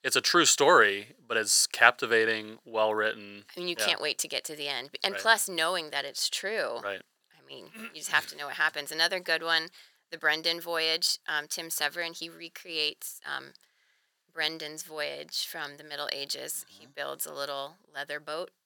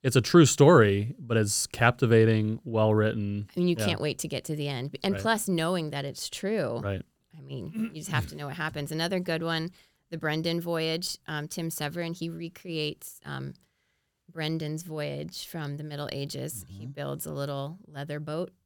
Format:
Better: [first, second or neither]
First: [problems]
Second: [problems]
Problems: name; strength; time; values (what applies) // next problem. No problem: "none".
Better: second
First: thin; very; fading below 700 Hz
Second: none